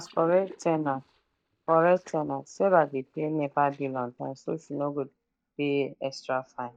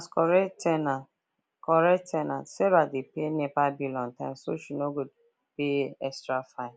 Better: second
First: noise reduction (neural mask model DeepFilterNet 3)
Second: none

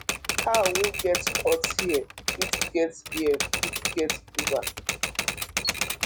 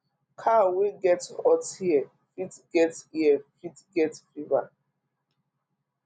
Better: second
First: background sound (Typewriter); 1 dB below the speech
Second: none

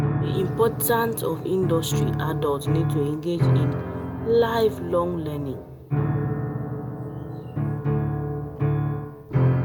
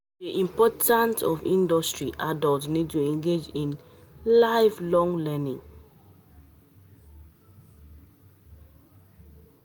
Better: second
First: background sound (Piano); 2 dB above the speech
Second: none

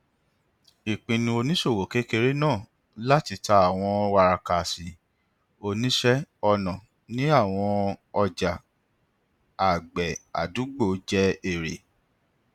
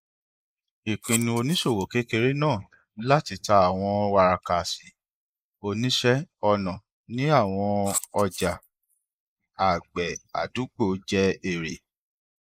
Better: first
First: none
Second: noise reduction (neural mask model Resemble Enhance denoiser)

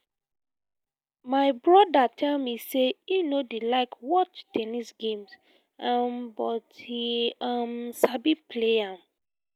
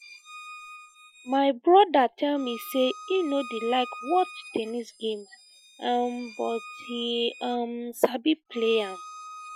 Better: first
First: none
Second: noise reduction (classical method Wiener filter)

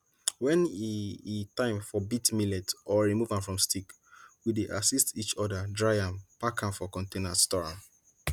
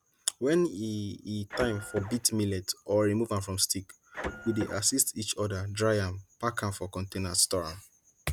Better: first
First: none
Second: background sound (Printer); 10 dB below the speech

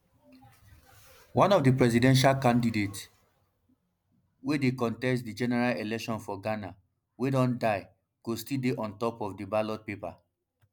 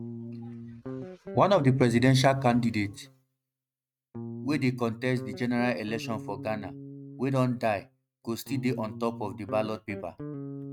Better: first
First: none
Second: noise reduction (neural mask model RNNoise)

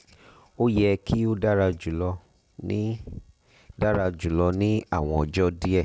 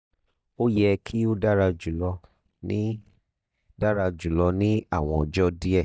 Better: first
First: none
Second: noise reduction (neural mask model DeepFilterNet 3)

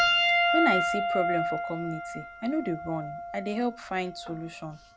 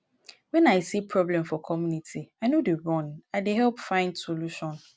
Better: second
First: background sound (Piano); 3 dB above the speech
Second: none

